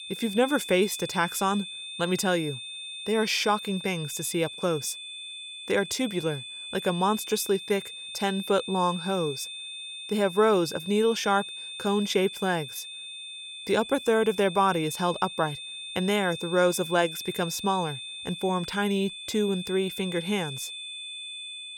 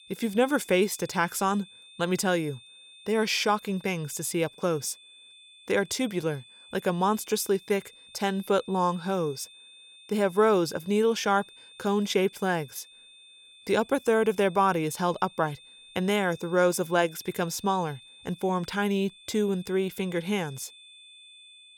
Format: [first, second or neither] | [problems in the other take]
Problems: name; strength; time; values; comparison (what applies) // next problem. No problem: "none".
second | high-pitched whine; loud; throughout; 3.5 kHz, 9 dB below the speech; faint in the second